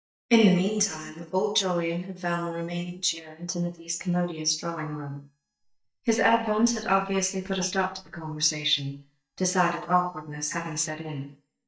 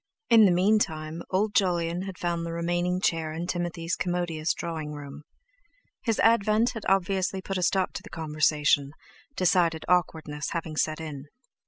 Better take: second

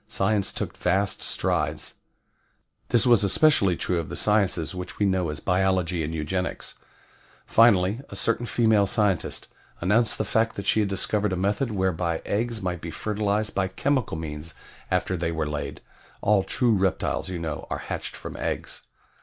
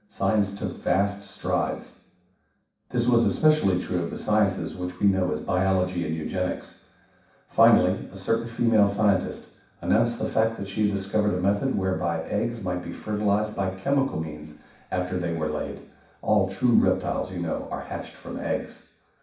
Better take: first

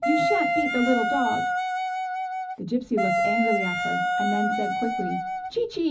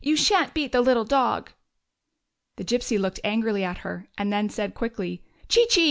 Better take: second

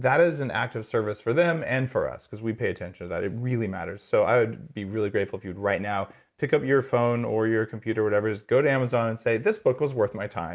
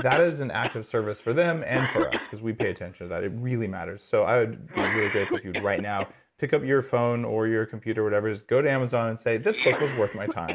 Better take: first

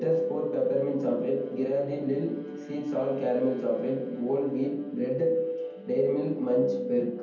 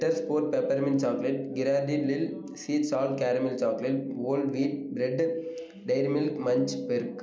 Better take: second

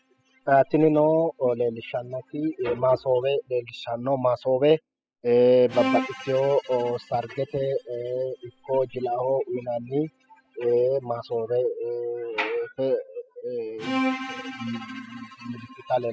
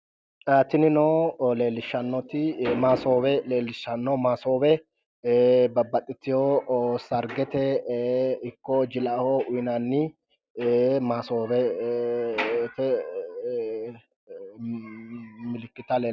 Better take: second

